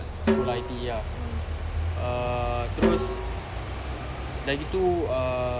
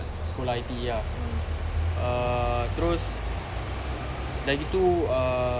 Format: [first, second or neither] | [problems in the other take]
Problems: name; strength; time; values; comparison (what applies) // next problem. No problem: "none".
second | background sound (Snare drum); 4 dB below the speech